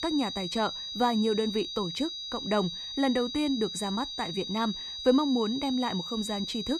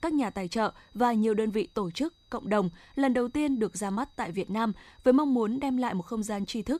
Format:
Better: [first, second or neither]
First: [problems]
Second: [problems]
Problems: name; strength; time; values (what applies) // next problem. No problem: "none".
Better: second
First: high-pitched whine; loud; throughout; 4 kHz, 5 dB below the speech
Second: high-pitched whine; faint; throughout; 4 kHz, 35 dB below the speech